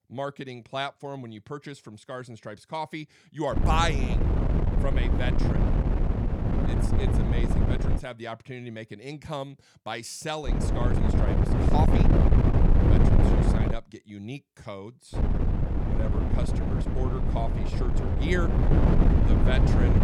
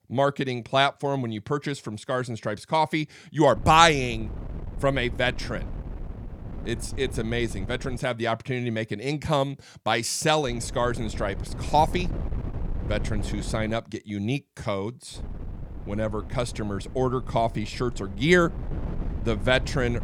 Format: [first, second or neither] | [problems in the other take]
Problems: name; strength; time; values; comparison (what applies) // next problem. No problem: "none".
second | wind noise on the microphone; heavy; from 3.5 to 8 s, from 10 to 14 s and from 15 s on; 1 dB above the speech; occasional gusts in the second